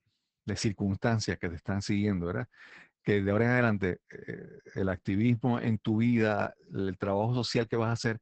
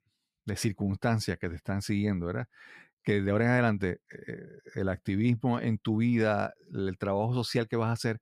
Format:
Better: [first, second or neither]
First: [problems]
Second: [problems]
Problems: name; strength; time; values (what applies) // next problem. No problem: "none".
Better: second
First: garbled, watery; badly; nothing above 8 kHz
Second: none